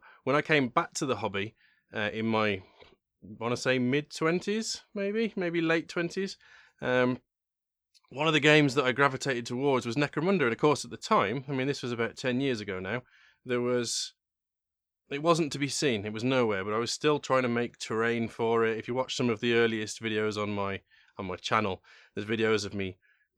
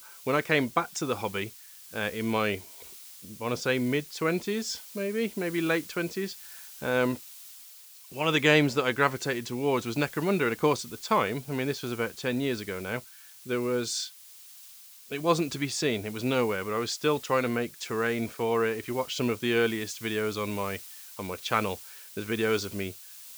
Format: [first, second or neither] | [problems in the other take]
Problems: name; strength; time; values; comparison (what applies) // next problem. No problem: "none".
first | hiss; noticeable; throughout; 15 dB below the speech